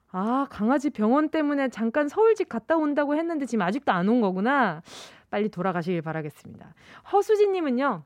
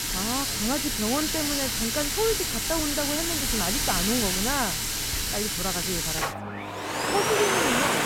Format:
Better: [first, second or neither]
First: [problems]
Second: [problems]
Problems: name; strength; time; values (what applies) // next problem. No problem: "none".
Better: first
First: none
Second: household noises; very loud; throughout; 5 dB above the speech